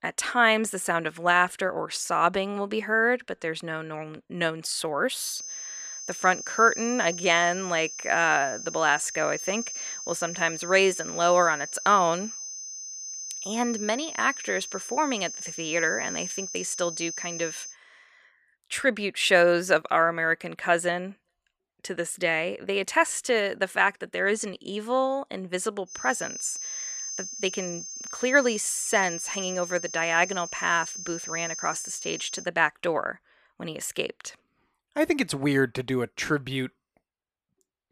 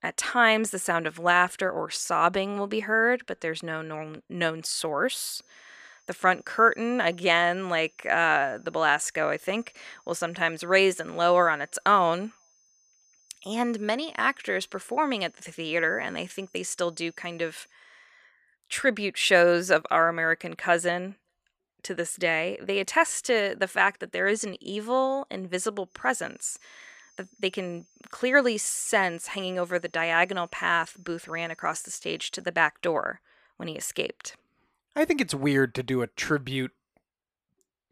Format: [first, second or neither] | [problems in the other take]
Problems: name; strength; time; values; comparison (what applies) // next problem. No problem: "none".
second | high-pitched whine; loud; from 5 to 18 s and from 26 to 32 s; 6.5 kHz, 8 dB below the speech; faint in the second